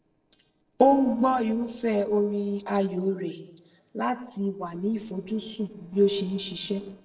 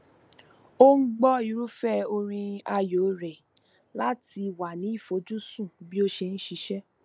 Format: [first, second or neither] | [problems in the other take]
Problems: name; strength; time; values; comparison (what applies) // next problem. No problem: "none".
second | noise reduction (neural separator model SepFormer DNS4)